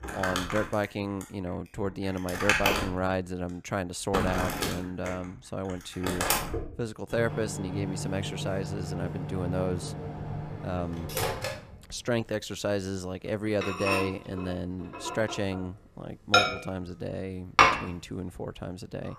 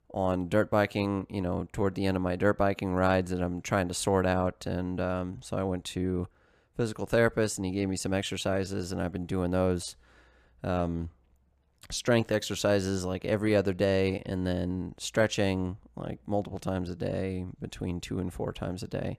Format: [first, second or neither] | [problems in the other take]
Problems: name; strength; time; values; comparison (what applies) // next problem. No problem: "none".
second | household noises; very loud; throughout; 3 dB above the speech